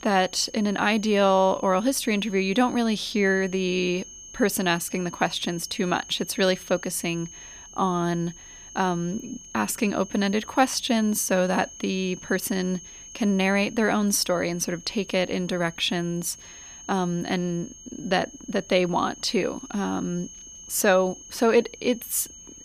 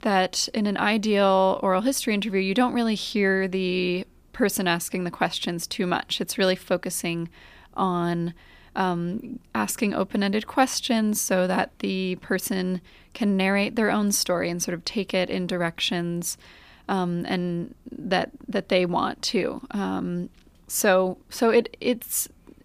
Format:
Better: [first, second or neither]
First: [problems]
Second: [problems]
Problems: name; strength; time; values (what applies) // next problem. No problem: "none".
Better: second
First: high-pitched whine; noticeable; throughout; 6.5 kHz, 15 dB below the speech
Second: none